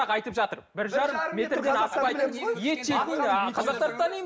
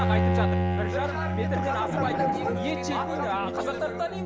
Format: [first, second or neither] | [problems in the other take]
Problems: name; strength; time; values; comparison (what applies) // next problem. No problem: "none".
first | background sound (Bowed string instrument); 4 dB above the speech